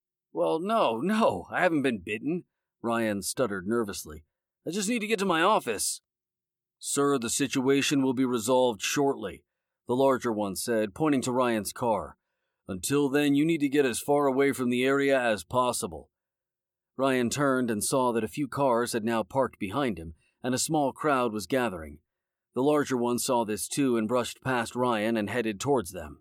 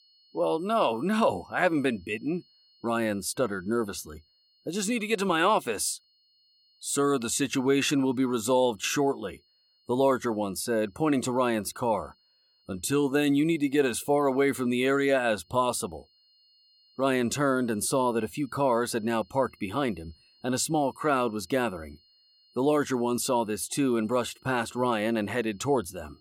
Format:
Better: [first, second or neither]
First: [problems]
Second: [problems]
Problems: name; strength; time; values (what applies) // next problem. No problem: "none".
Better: first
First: none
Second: high-pitched whine; faint; throughout; 4.5 kHz, 35 dB below the speech